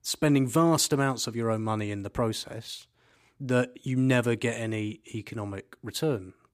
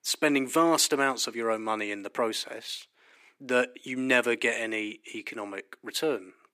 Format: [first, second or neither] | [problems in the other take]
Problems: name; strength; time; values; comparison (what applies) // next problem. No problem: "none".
first | thin; somewhat; fading below 300 Hz